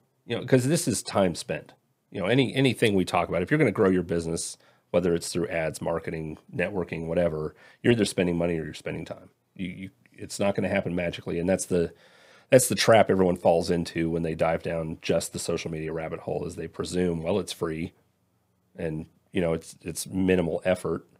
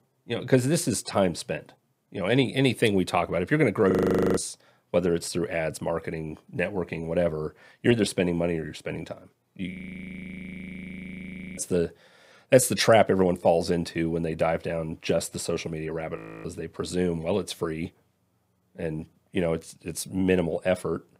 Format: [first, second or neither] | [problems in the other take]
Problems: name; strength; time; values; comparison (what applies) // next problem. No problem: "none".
first | audio freezing; at 4 s, at 9.5 s for 2 s and at 16 s